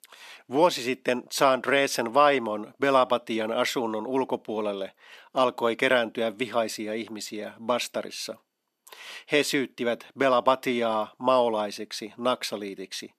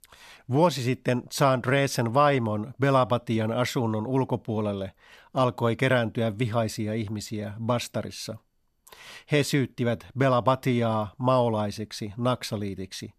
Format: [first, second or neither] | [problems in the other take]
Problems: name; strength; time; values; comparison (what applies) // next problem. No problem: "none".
second | thin; somewhat; fading below 300 Hz